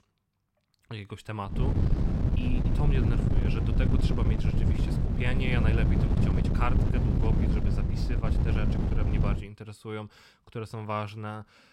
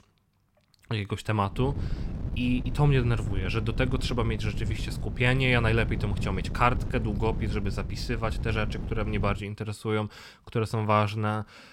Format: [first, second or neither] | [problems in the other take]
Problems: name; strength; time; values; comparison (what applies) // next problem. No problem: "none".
second | wind noise on the microphone; heavy; from 1.5 to 9.5 s; as loud as the speech; occasional gusts in the second